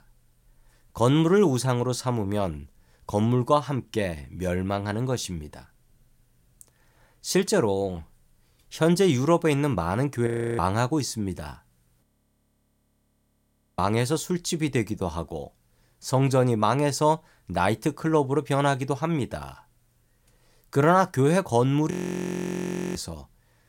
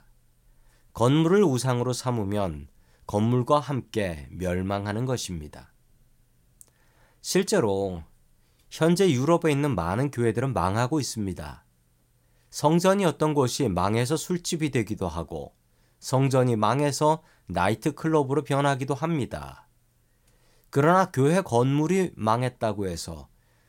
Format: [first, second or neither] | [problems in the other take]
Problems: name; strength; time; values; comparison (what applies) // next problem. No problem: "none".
second | audio freezing; at 10 s, at 12 s for 2 s and at 22 s for 1 s